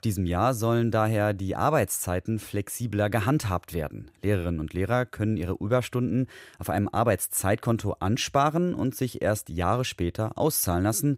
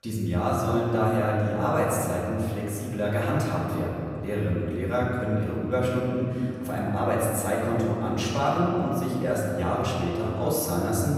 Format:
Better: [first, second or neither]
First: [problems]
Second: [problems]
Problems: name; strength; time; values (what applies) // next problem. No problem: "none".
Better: first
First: none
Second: off-mic speech; far // room echo; noticeable; dies away in 2.5 s